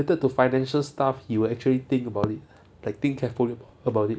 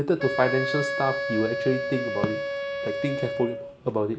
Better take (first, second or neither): first